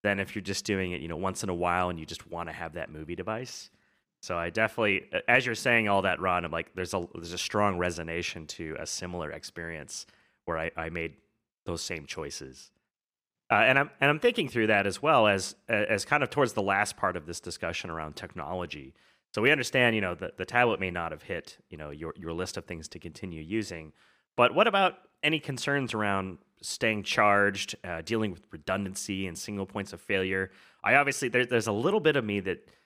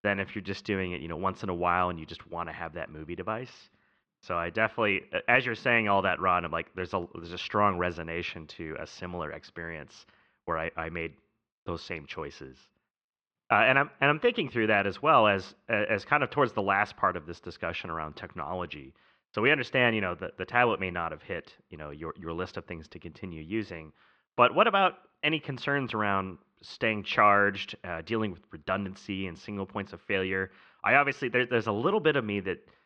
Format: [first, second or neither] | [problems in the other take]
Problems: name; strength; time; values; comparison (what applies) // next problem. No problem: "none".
first | muffled; slightly; fading above 4 kHz